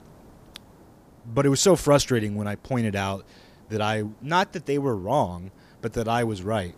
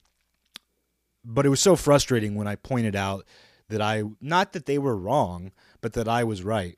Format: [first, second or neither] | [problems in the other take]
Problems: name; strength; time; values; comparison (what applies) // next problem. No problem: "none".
second | hiss; faint; throughout; 30 dB below the speech